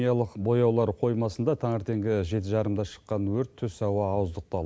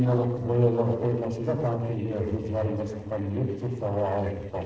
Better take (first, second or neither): first